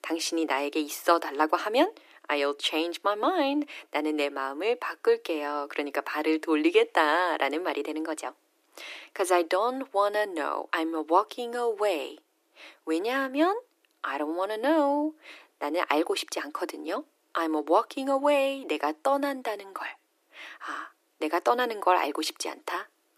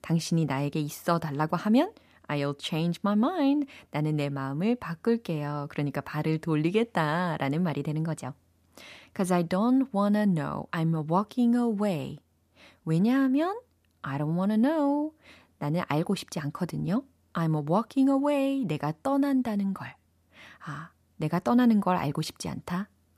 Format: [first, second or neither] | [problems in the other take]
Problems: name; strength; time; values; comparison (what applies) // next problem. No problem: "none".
second | thin; very; fading below 300 Hz